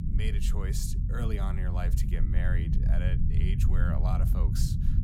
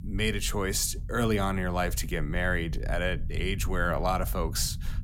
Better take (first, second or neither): second